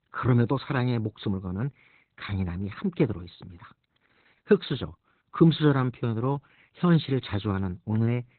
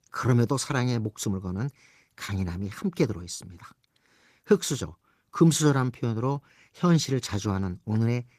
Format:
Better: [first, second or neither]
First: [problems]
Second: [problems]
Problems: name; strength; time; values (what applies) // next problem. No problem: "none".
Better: second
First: garbled, watery; badly; nothing above 4 kHz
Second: garbled, watery; slightly; nothing above 14.5 kHz